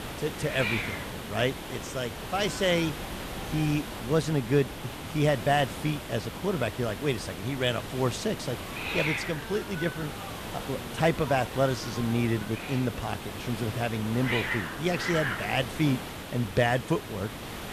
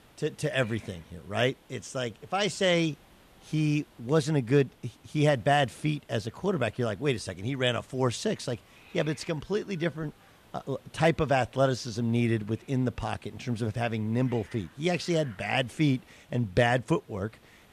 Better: second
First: hiss; loud; throughout; 6 dB below the speech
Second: hiss; faint; throughout; 25 dB below the speech

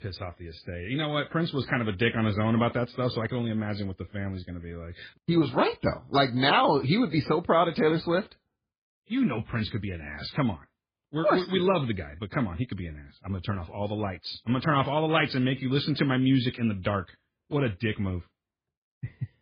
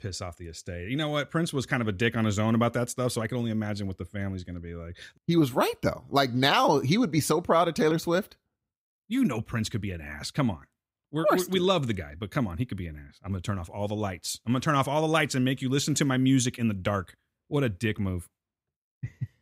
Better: second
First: garbled, watery; badly; nothing above 4.5 kHz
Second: none

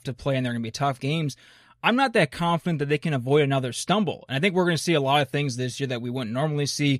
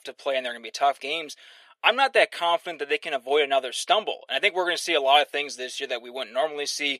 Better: first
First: none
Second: thin; very; fading below 400 Hz

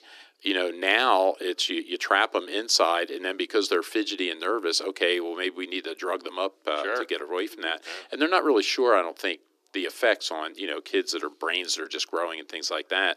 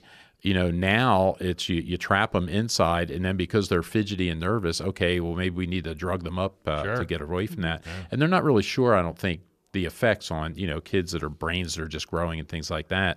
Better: second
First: thin; somewhat; fading below 300 Hz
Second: none

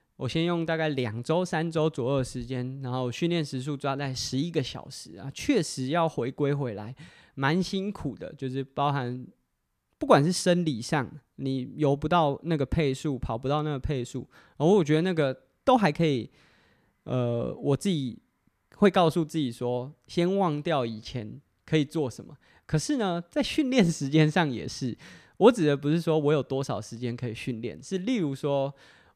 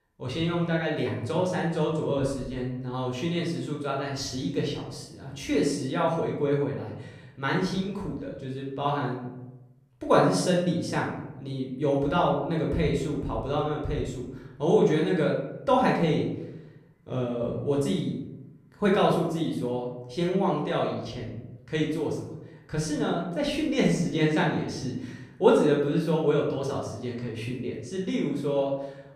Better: first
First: none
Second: off-mic speech; far // room echo; noticeable; dies away in 0.7 s

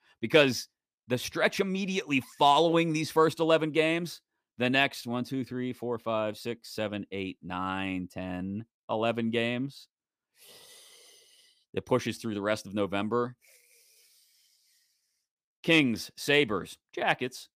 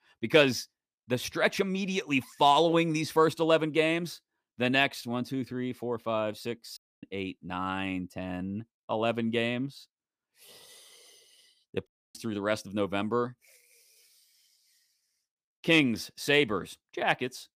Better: first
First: none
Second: audio cutting out; at 7 s and at 12 s

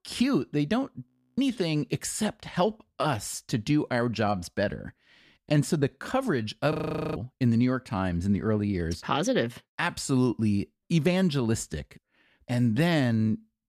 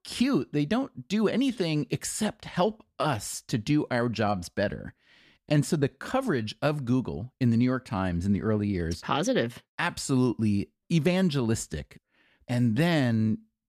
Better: second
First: audio freezing; at 1 s and at 6.5 s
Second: none

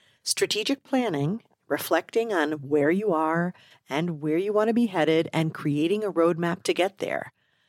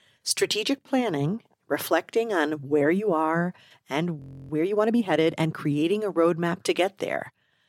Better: first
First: none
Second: audio freezing; at 4 s

